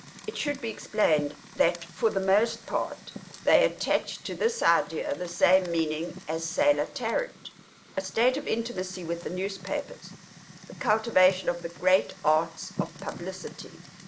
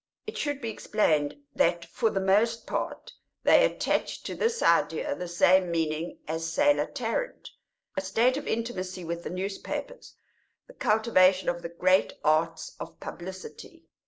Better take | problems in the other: second | background sound (Fire); 17 dB below the speech

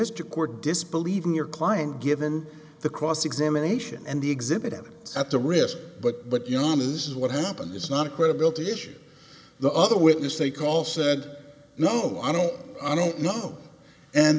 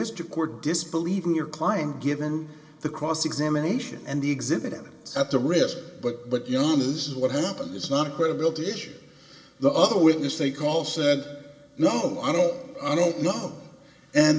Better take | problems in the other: first | room echo; dies away in 0.9 s

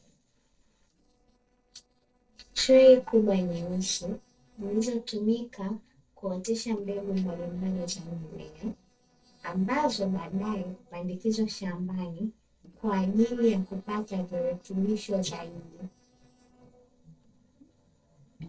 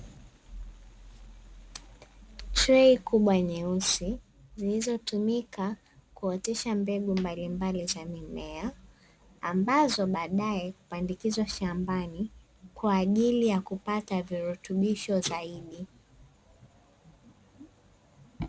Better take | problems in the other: second | noise reduction (neural separator model SepFormer DNS4)

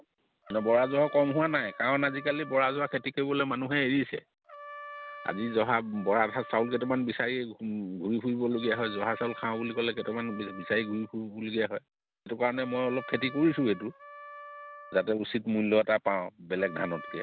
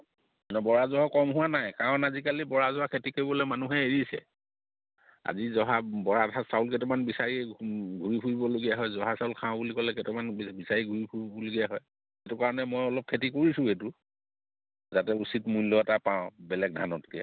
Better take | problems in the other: second | background sound (Trumpet); 17 dB below the speech

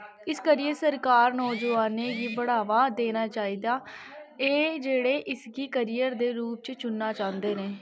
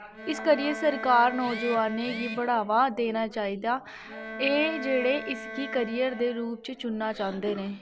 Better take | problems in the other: first | background sound (Bowed string instrument); 12 dB below the speech

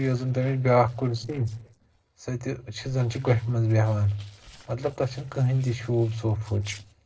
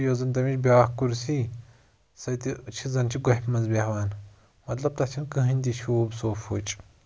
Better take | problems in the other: second | noise reduction (neural separator model SepFormer DNS4)

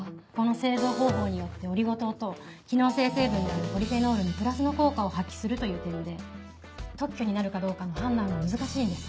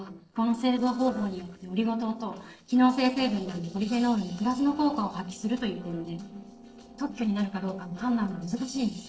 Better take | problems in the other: first | noise reduction (neural separator model SepFormer DNS4)

